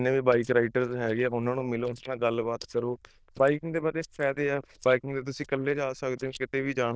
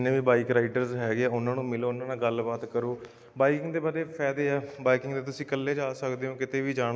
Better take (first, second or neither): second